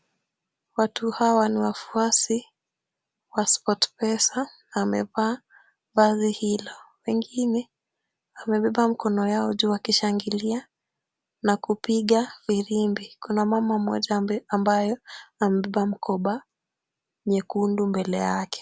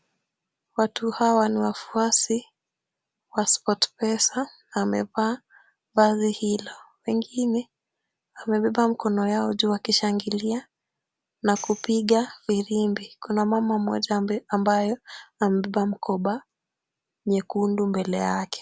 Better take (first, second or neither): first